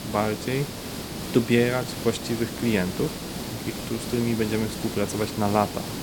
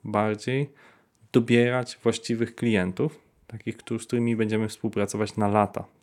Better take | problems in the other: second | hiss; loud; throughout; 6 dB below the speech

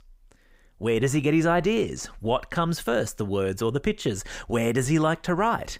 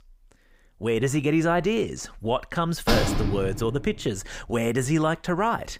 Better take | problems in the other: first | door banging; loud; at 3 s; peak 2 dB above the speech

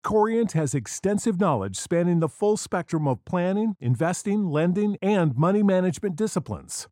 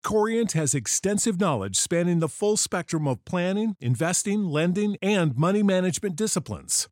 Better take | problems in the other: second | muffled; slightly; fading above 2 kHz

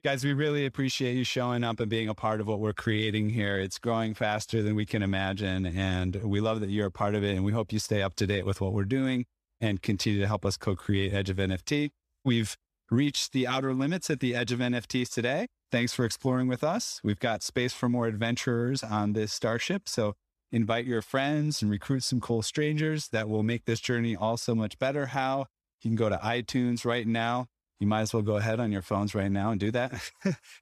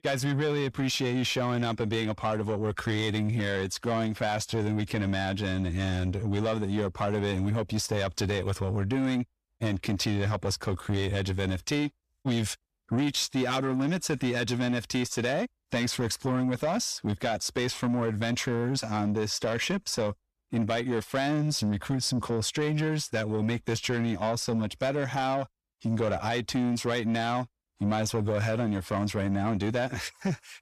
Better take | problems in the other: first | distortion; slight; 10 dB below the speech

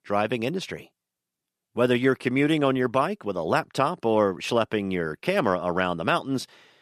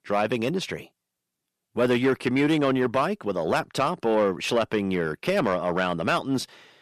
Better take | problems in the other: first | distortion; slight; 10 dB below the speech

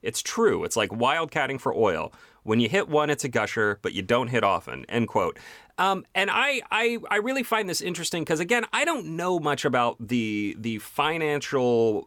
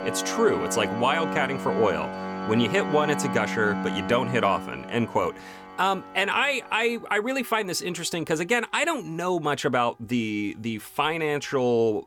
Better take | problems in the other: first | background music; loud; throughout; 7 dB below the speech

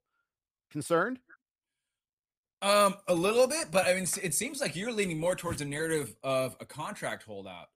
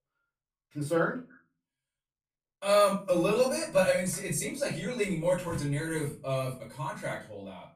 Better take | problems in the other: first | off-mic speech; far // room echo; slight; dies away in 0.3 s

